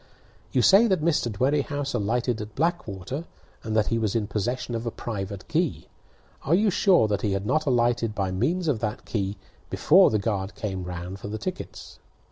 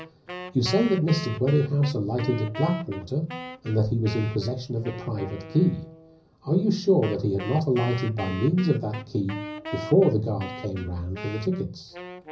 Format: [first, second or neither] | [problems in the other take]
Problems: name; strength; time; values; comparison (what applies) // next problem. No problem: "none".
first | background sound (Wind instrument, woodwind instrument); 13 dB below the speech // room echo; dies away in 0.5 s